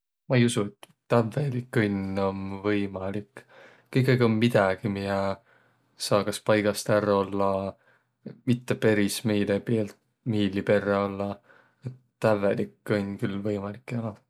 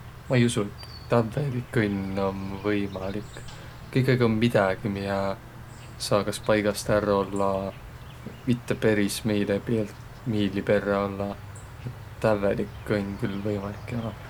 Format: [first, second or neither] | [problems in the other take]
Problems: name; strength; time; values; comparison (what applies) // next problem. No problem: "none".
first | background sound (Insect); 15 dB below the speech